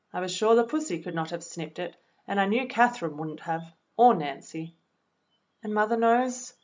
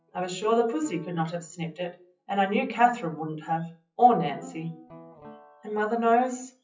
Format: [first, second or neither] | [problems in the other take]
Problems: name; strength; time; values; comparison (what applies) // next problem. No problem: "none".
first | noise reduction (classical method WPE with log-MMSE)